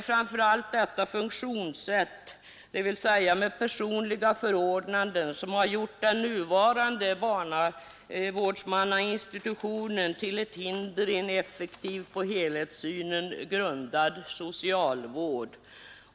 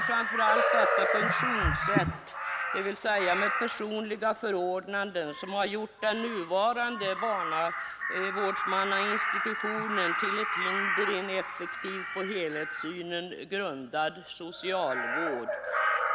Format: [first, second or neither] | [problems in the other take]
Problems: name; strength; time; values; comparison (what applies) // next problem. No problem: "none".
first | background sound (Crow); as loud as the speech